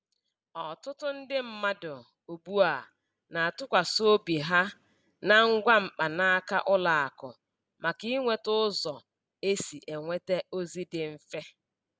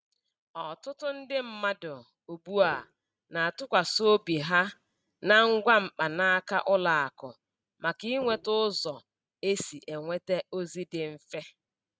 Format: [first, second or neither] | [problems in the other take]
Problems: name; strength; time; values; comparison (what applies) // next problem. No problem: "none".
first | noise reduction (neural mask model RNNoise)